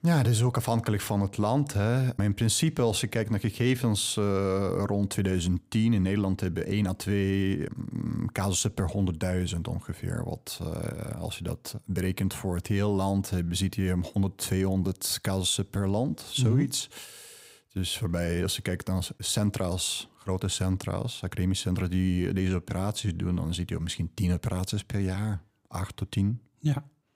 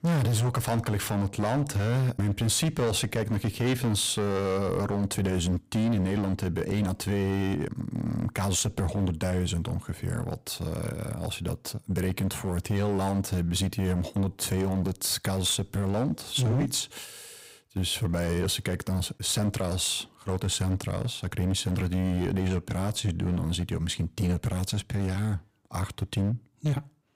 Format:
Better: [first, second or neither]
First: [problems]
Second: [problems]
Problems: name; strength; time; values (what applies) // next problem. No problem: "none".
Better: first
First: none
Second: distortion; slight; 13% of the sound clipped